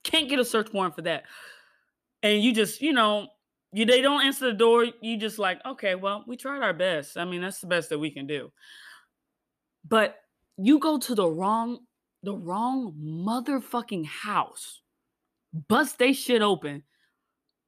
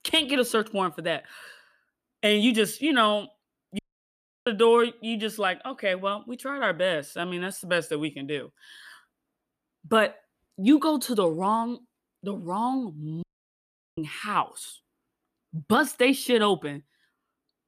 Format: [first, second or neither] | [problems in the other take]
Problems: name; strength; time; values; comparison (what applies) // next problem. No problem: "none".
first | audio cutting out; at 4 s for 0.5 s and at 13 s for 0.5 s